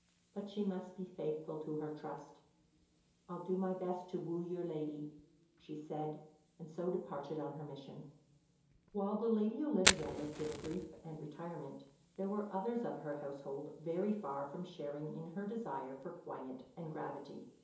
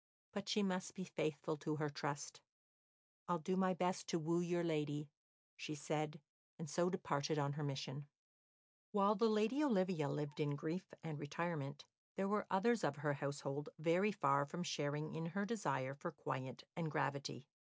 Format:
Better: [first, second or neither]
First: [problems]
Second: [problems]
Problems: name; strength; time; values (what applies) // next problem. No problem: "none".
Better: second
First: background sound (Fire); 6 dB below the speech // room echo; dies away in 2.8 s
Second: none